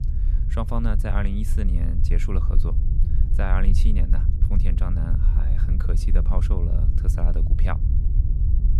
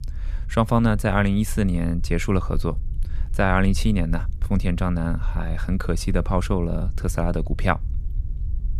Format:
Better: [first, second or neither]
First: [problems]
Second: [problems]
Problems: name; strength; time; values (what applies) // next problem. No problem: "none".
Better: second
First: low rumble; loud; throughout; 6 dB below the speech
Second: low rumble; faint; throughout; 25 dB below the speech